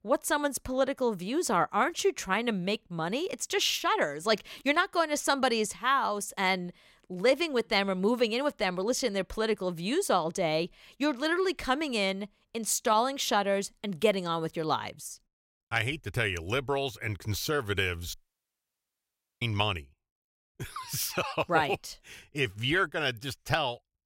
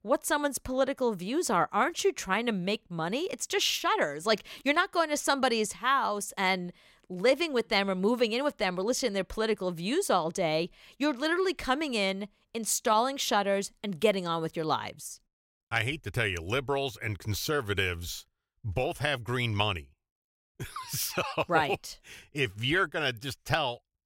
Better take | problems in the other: second | audio cutting out; at 18 s for 1.5 s

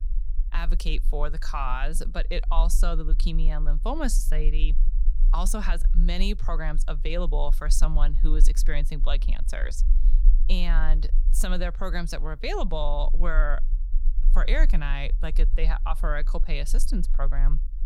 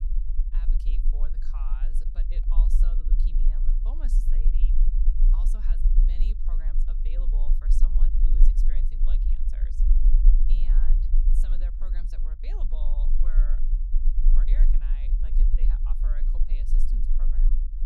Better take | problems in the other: first | low rumble; loud; throughout; as loud as the speech; faint in the first

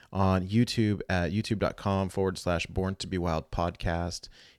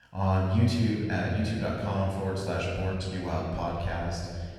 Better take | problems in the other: first | off-mic speech; far // room echo; noticeable; dies away in 1.9 s

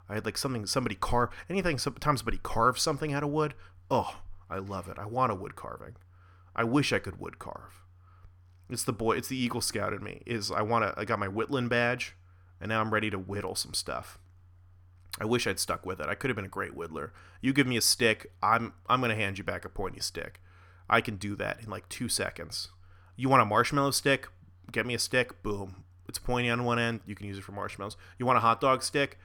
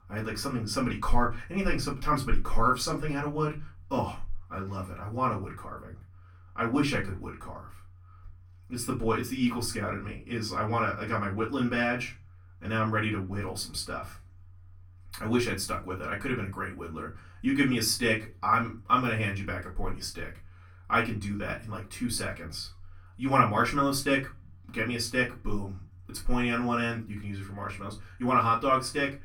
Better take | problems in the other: first | off-mic speech; far // room echo; very slight; dies away in 0.3 s

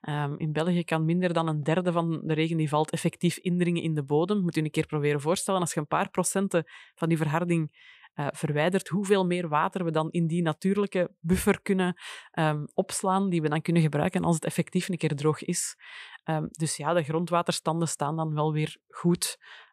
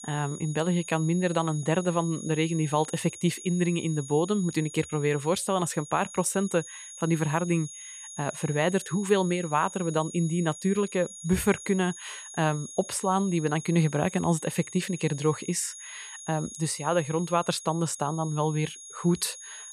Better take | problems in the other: first | high-pitched whine; noticeable; throughout; 6.5 kHz, 15 dB below the speech

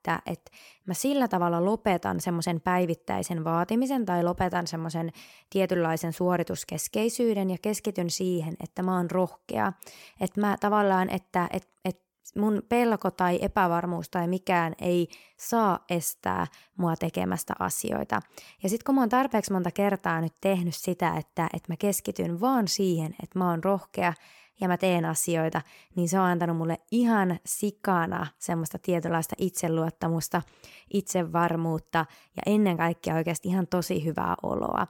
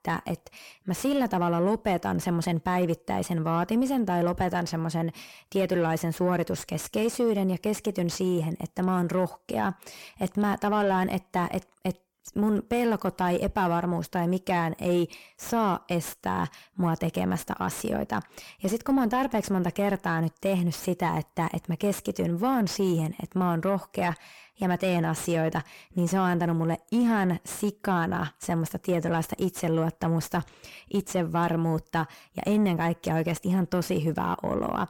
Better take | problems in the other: first | distortion; slight; 10 dB below the speech

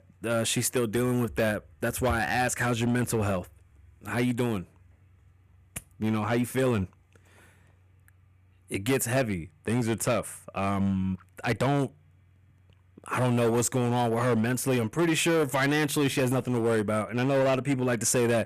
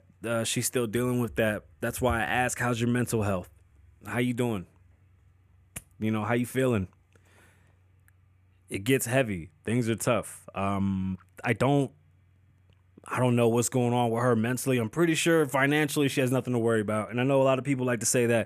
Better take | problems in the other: second | distortion; slight; 9% of the sound clipped

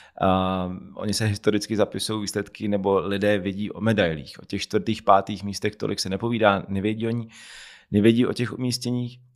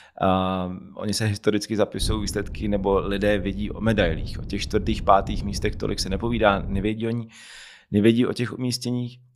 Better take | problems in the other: first | wind noise on the microphone; occasional gusts; from 2 to 7 s; 20 dB below the speech

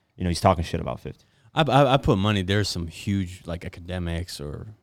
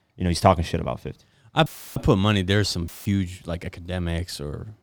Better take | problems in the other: first | audio cutting out; filled with static; at 1.5 s and at 3 s

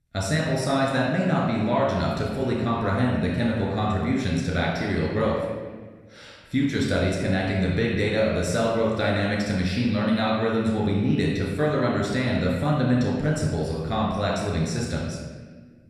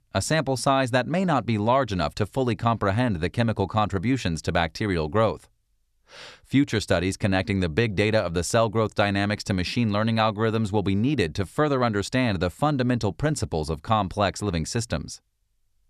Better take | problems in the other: second | room echo; noticeable; dies away in 1.3 s // off-mic speech; far

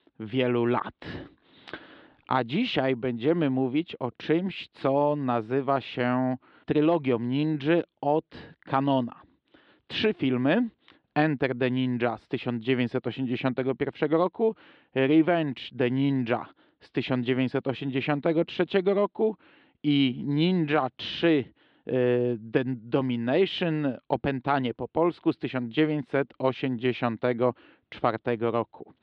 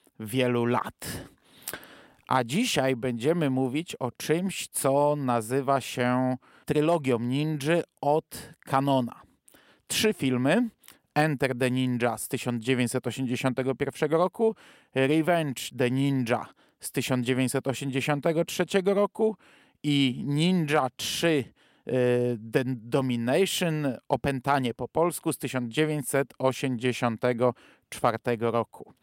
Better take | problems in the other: second | muffled; slightly; fading above 4 kHz

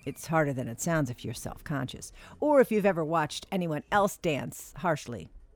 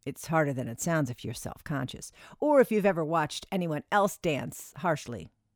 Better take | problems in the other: second | hiss; faint; throughout; 30 dB below the speech

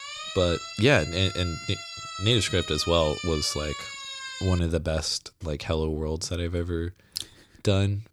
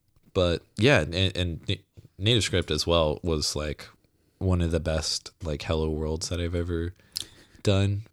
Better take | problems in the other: second | siren; noticeable; until 4.5 s; peak 7 dB below the speech

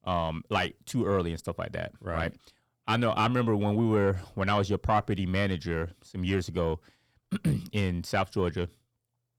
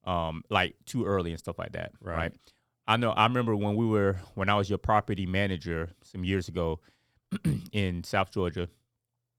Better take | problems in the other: second | distortion; slight; 10 dB below the speech

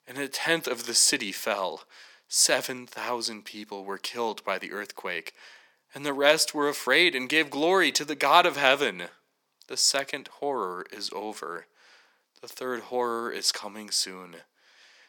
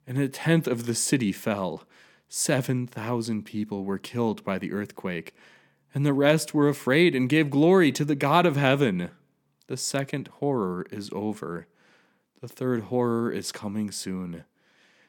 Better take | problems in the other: second | thin; very; fading below 600 Hz

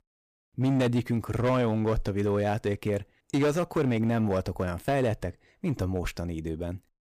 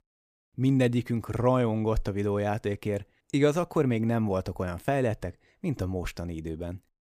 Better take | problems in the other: second | distortion; slight; 8% of the sound clipped

